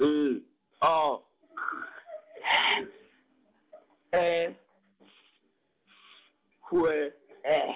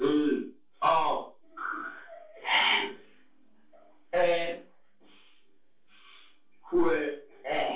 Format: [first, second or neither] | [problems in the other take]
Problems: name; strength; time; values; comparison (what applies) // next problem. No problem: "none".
first | room echo; dies away in 0.3 s